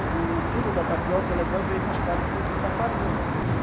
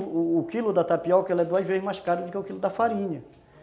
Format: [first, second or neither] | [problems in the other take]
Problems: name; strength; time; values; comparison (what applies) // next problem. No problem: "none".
second | background sound (Traffic noise, roadway noise); 4 dB above the speech